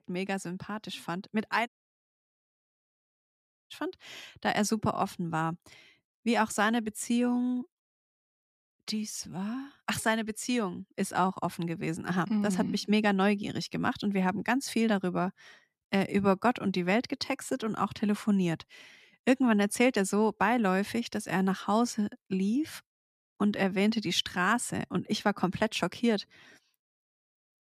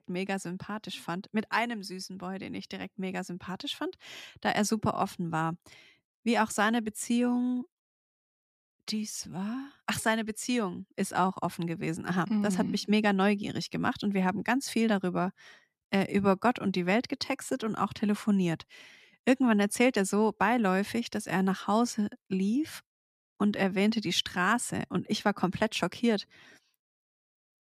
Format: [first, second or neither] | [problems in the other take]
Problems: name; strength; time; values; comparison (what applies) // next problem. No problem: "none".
second | audio cutting out; at 1.5 s for 2 s